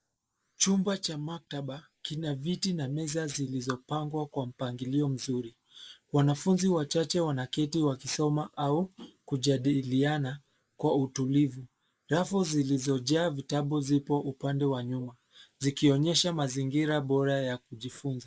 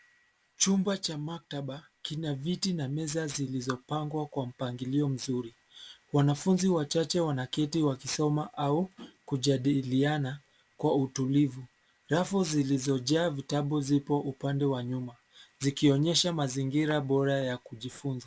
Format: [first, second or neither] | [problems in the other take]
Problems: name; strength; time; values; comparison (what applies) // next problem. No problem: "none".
second | noise reduction (neural mask model Resemble Enhance denoiser)